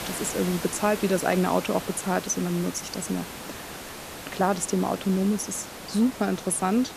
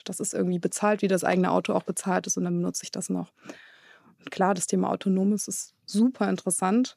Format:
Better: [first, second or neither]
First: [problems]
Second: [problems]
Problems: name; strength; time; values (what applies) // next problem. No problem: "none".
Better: second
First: hiss; noticeable; throughout; 10 dB below the speech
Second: none